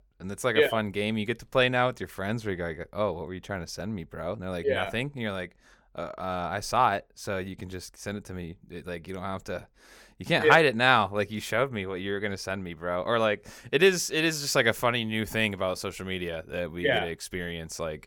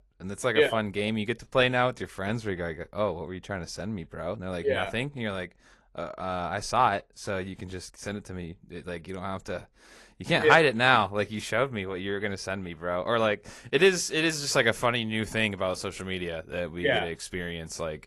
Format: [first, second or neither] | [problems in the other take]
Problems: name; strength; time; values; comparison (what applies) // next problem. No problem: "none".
first | garbled, watery; slightly; nothing above 11.5 kHz